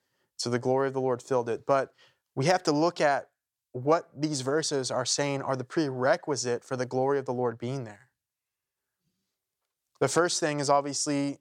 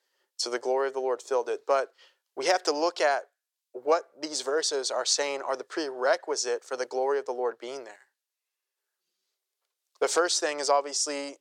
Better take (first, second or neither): first